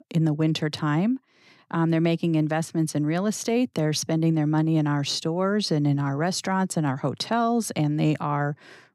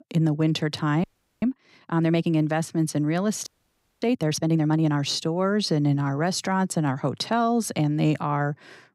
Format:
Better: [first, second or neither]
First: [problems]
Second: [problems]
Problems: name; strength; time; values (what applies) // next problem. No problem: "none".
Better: first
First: none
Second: audio freezing; at 1 s and at 3.5 s for 0.5 s